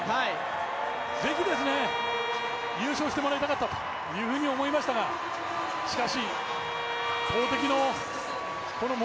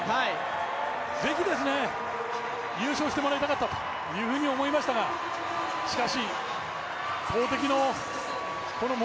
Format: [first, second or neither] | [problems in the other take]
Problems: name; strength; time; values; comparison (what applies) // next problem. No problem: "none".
second | background sound (Bowed string instrument); 6 dB below the speech